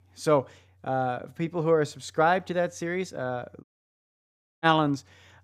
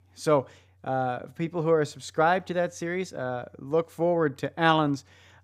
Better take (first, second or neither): second